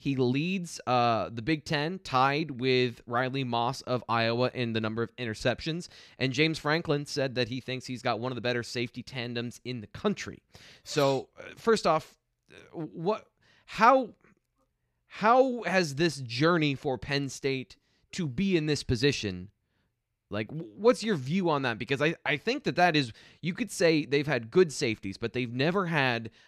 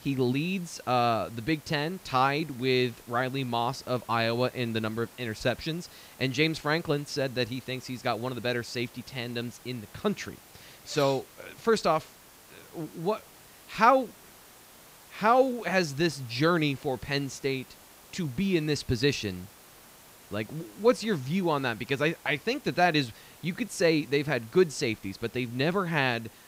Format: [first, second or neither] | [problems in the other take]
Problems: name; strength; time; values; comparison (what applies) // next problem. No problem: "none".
first | hiss; faint; throughout; 20 dB below the speech